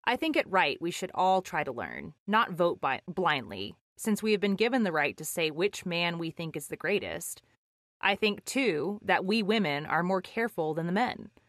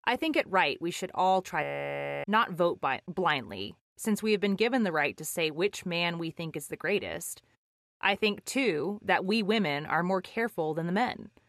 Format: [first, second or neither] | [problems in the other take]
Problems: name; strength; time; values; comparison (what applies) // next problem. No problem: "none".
first | audio freezing; at 1.5 s for 0.5 s